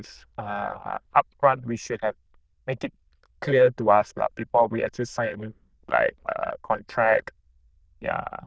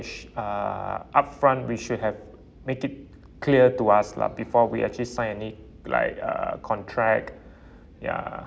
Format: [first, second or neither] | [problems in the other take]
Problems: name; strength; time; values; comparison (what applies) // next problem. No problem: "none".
second | noise reduction (neural diffusion model UNIVERSE++)